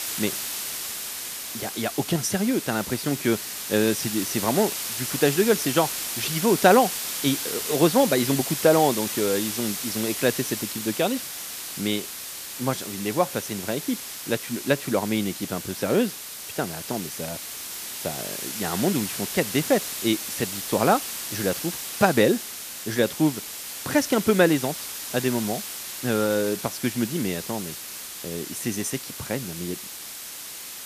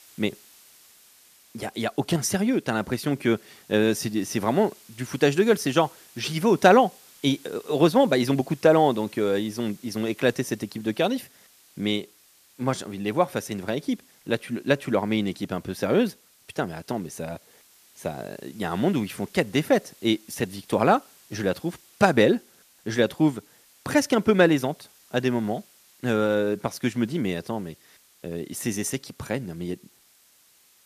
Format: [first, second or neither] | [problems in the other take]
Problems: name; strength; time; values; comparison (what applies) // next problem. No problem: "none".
second | hiss; loud; throughout; 5 dB below the speech; faint in the second